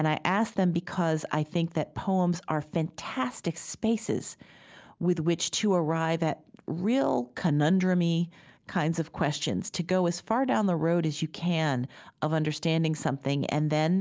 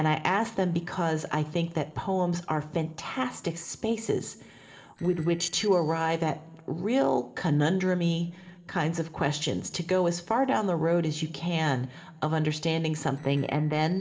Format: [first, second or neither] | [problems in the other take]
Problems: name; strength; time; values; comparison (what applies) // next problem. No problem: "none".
first | noise reduction (neural separator model SepFormer DNS4)